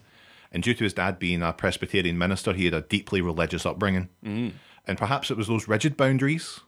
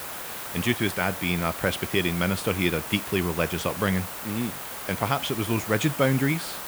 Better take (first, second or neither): first